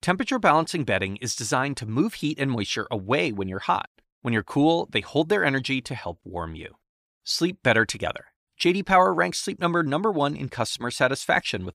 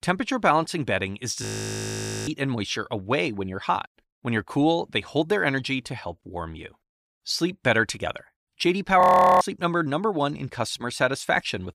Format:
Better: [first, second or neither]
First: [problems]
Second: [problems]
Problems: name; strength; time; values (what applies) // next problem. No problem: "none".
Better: first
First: none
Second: audio freezing; at 1.5 s for 1 s and at 9 s